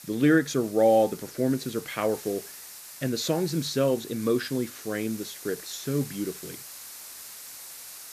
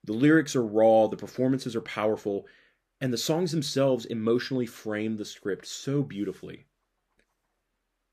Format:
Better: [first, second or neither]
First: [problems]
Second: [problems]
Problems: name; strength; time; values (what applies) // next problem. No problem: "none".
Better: second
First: hiss; noticeable; throughout; 15 dB below the speech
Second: none